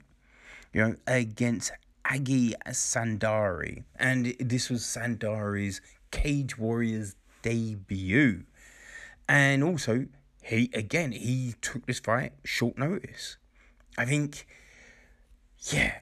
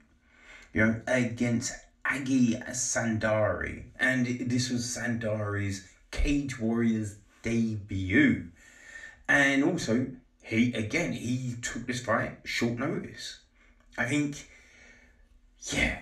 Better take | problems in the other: first | room echo; very slight; dies away in 0.3 s // off-mic speech; somewhat distant

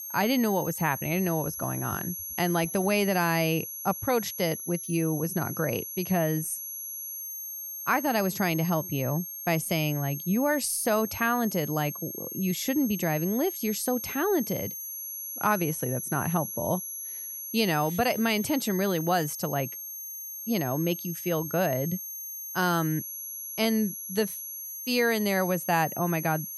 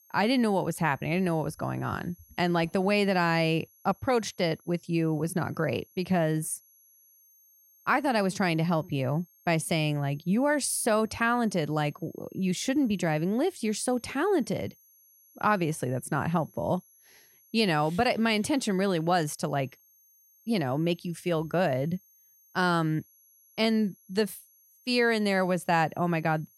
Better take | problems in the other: second | high-pitched whine; loud; throughout; 11.5 kHz, 7 dB below the speech; faint in the second

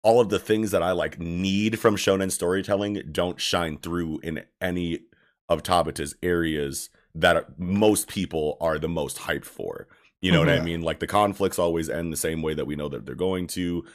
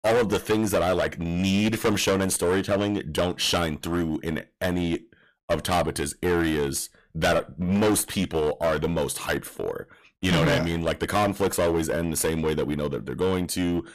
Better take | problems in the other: first | distortion; heavy; 13% of the sound clipped

